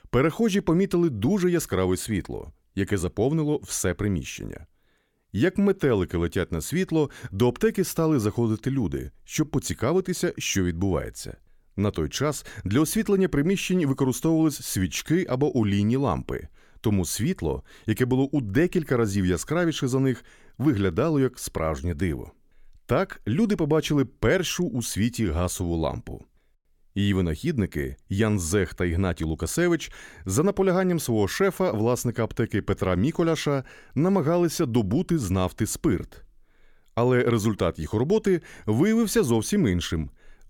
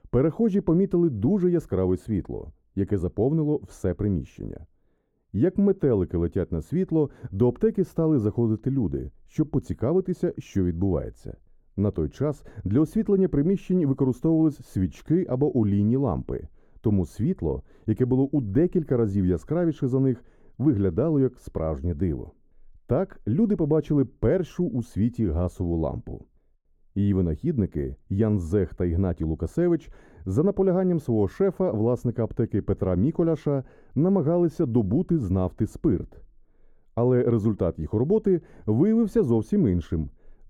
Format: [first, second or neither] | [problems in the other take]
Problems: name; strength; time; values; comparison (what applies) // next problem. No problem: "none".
first | muffled; very; fading above 1.5 kHz